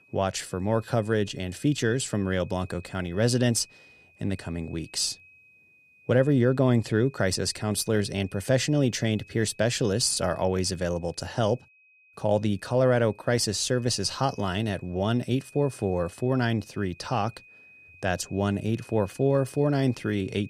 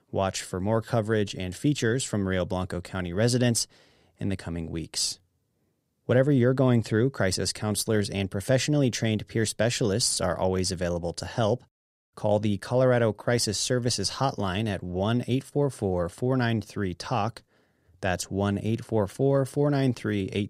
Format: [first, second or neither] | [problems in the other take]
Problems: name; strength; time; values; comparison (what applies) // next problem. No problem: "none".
second | high-pitched whine; faint; throughout; 2.5 kHz, 25 dB below the speech